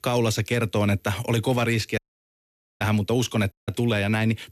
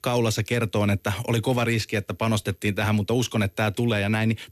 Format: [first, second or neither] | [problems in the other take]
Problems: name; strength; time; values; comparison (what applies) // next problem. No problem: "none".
second | audio cutting out; at 2 s for 1 s and at 3.5 s